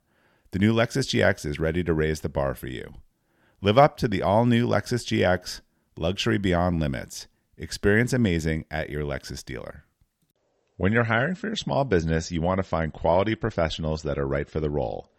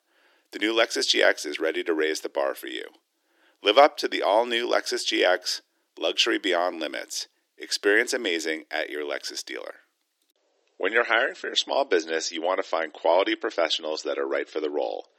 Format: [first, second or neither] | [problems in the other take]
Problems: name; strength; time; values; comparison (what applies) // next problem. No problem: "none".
first | thin; very; fading below 300 Hz